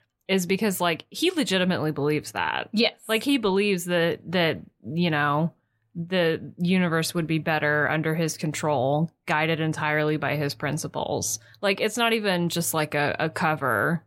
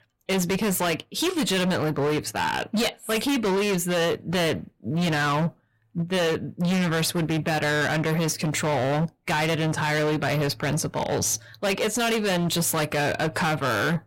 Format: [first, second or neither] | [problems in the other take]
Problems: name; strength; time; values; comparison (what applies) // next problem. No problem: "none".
first | distortion; heavy; 29% of the sound clipped